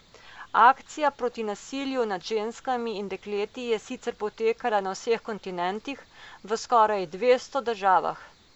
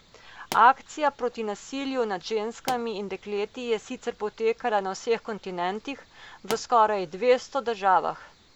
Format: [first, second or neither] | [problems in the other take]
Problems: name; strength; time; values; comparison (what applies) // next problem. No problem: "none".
first | background sound (Explosion); 16 dB below the speech